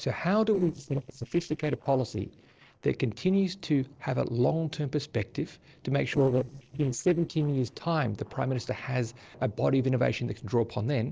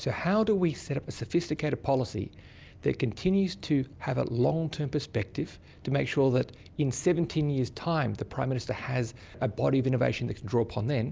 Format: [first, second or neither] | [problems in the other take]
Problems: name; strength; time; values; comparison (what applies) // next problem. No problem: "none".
second | noise reduction (neural separator model SepFormer DNS4)